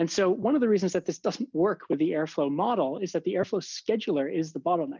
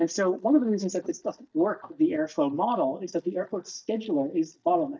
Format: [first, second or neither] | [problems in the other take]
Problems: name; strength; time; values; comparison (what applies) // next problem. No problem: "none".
first | noise reduction (neural mask model DeepFilterNet 3)